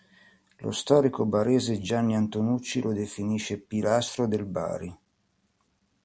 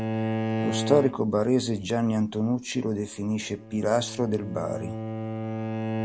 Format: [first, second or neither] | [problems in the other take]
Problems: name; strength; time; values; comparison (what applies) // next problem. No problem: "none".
first | background sound (Bowed string instrument); 5 dB below the speech